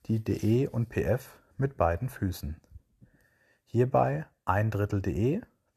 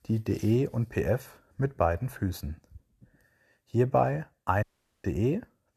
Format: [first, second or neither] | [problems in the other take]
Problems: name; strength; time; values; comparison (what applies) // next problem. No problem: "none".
first | audio cutting out; at 4.5 s